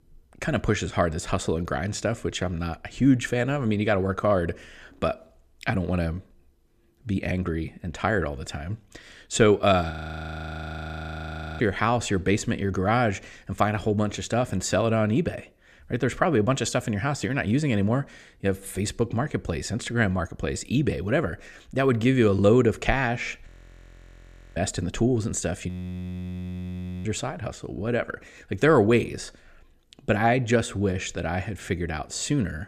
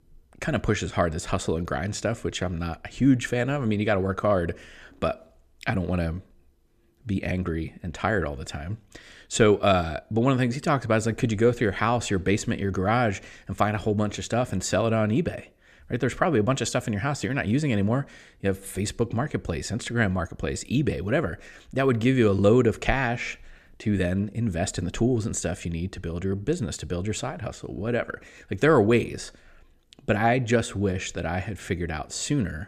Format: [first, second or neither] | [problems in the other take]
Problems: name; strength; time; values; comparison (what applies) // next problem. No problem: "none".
second | audio freezing; at 10 s for 1.5 s, at 23 s for 1 s and at 26 s for 1.5 s